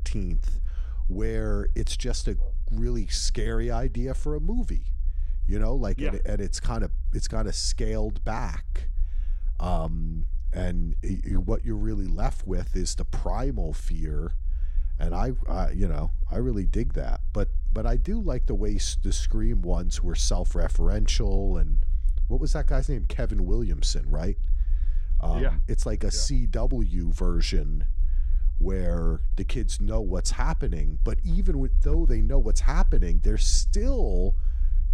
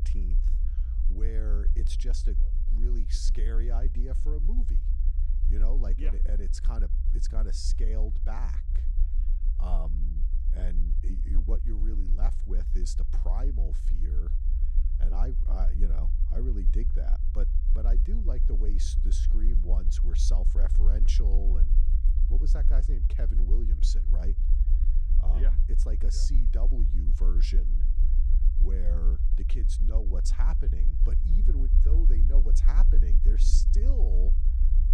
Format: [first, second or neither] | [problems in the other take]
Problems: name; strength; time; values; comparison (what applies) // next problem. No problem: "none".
first | low rumble; loud; throughout; 6 dB below the speech; faint in the first